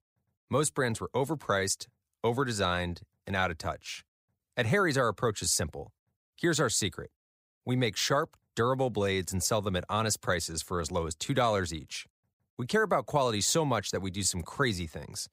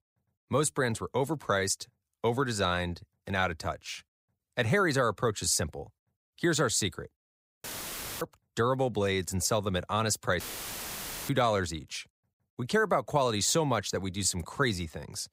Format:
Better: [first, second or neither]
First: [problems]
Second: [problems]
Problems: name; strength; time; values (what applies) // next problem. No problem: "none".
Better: first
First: none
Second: audio cutting out; filled with static; at 7.5 s for 0.5 s and at 10 s for 1 s